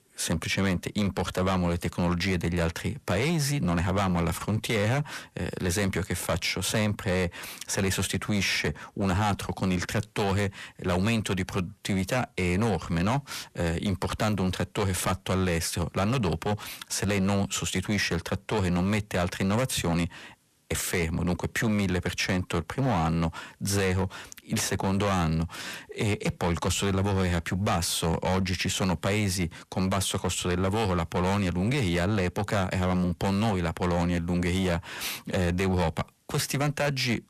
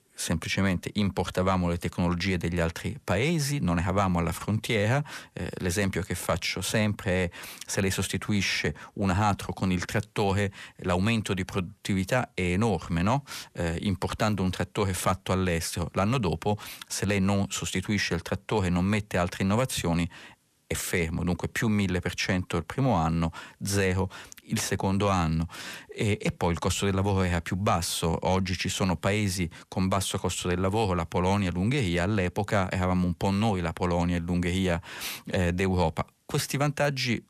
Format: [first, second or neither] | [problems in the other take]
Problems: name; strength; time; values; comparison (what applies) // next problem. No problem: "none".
second | distortion; slight; 15% of the sound clipped